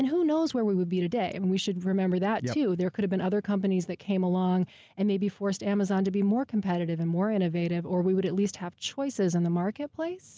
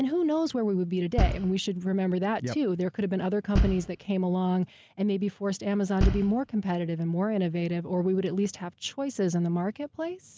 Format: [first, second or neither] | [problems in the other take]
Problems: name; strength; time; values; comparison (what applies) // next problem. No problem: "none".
first | background sound (Bass drum); 1 dB below the speech